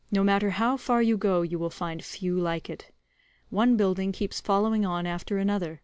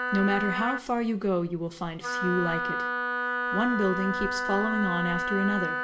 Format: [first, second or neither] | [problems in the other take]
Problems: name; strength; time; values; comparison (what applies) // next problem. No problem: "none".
first | background sound (Wind instrument, woodwind instrument); 2 dB below the speech // room echo; dies away in 0.6 s